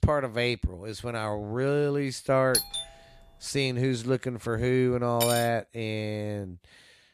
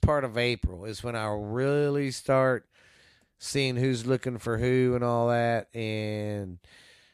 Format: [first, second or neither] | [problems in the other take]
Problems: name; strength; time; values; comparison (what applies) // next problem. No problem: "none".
second | doorbell; loud; at 2.5 s; peak 1 dB above the speech // clattering dishes; noticeable; at 5 s; peak 2 dB below the speech